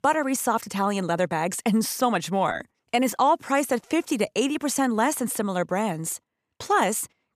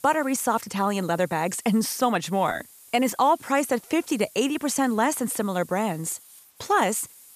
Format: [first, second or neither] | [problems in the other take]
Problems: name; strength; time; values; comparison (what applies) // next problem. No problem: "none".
first | hiss; faint; throughout; 25 dB below the speech